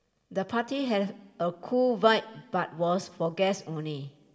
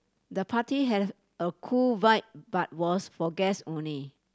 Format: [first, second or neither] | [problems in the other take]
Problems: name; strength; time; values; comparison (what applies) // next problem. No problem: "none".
second | room echo; dies away in 1.1 s